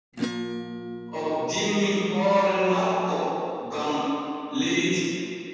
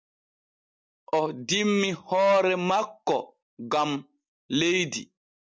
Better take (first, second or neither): second